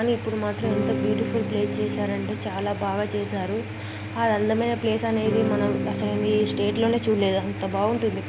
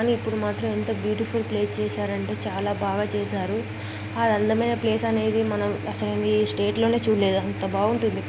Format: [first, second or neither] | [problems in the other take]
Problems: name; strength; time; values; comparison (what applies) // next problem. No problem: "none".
second | background sound (Electric guitar / Strum); 4 dB below the speech